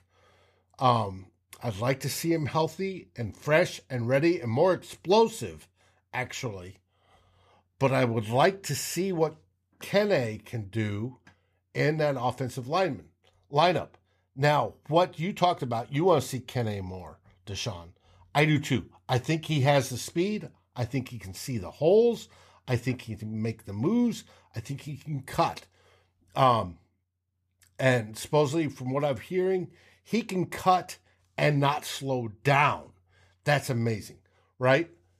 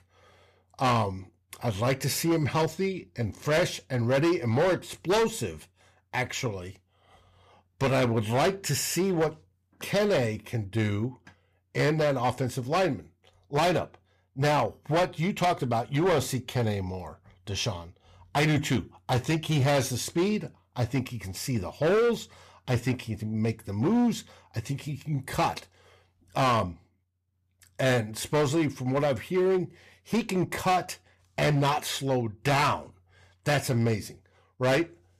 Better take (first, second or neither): first